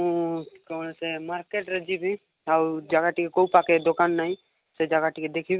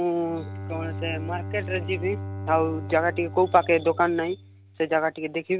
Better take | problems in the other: first | background sound (Bowed string instrument); 10 dB below the speech

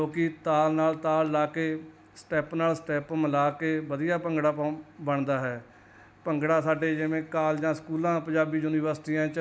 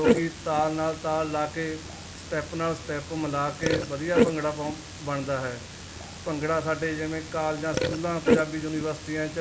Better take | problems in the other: first | background sound (Burping, eructation); 2 dB below the speech // room echo; dies away in 1.7 s

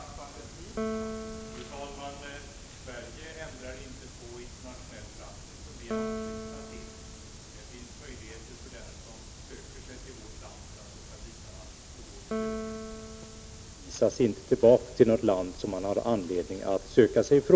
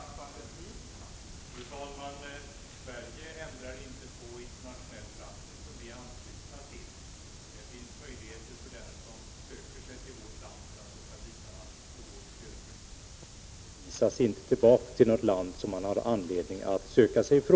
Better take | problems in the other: second | background sound (Piano); 11 dB below the speech

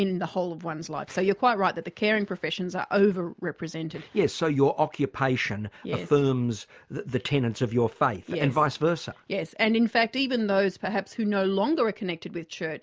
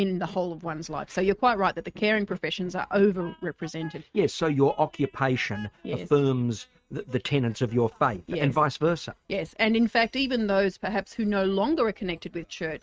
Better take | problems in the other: first | noise reduction (neural mask model RNNoise)

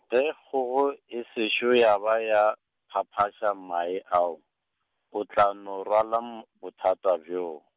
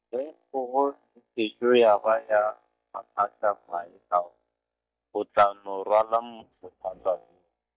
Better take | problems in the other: first | noise reduction (neural mask model DeepFilterNet 3)

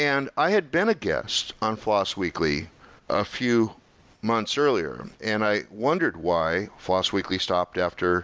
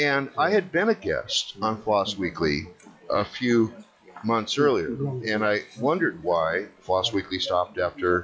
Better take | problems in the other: first | noise reduction (classical method log-MMSE)

